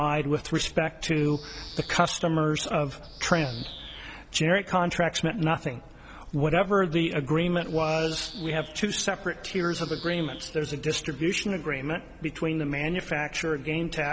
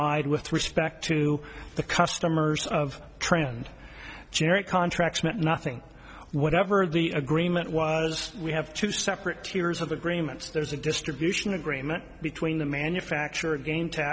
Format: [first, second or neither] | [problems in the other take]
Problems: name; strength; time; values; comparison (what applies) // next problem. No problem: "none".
second | background sound (Bird vocalization, bird call, bird song); 19 dB below the speech